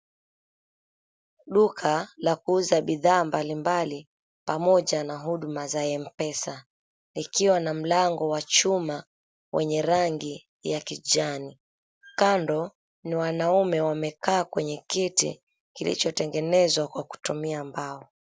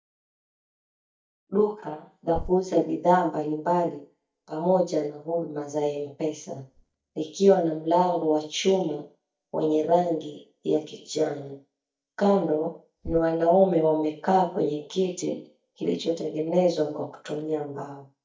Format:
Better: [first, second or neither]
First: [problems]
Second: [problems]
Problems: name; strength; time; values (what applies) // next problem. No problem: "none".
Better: first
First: none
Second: noise reduction (neural mask model DeepFilterNet 3)